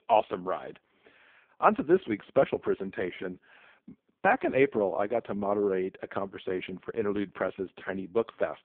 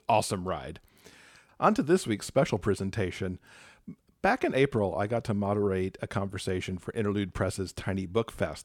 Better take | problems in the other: second | phone-call audio; poor line

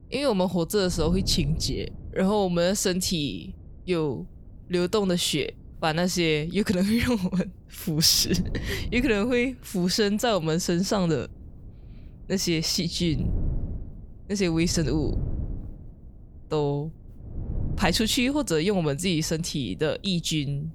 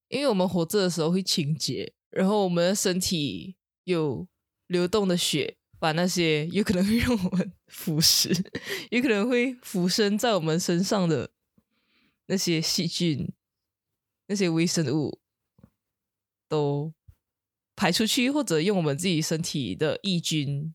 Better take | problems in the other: second | wind noise on the microphone; occasional gusts; 25 dB below the speech

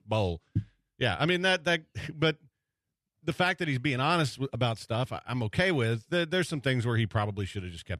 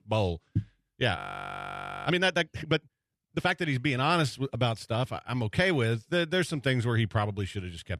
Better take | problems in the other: first | audio freezing; at 1 s for 1 s

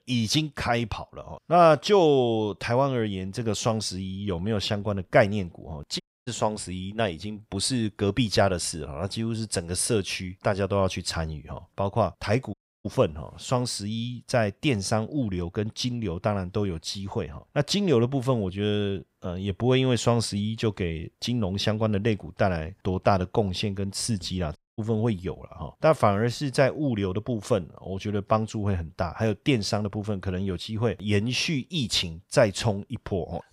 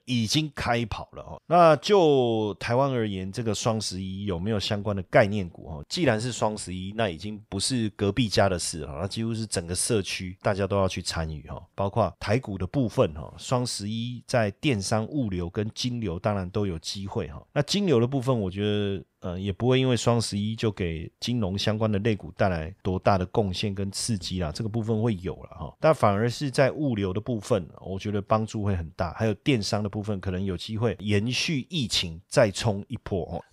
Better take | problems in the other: second | audio cutting out; at 6 s, at 13 s and at 25 s

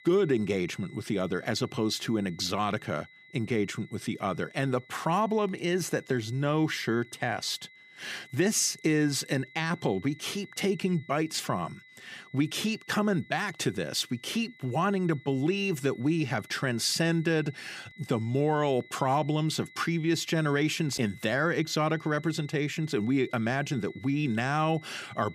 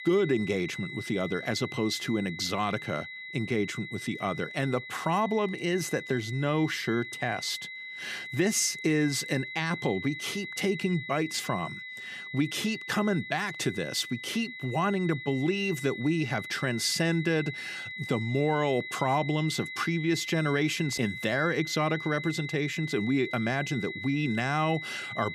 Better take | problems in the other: first | high-pitched whine; loud; throughout; 2 kHz, 9 dB below the speech; faint in the first

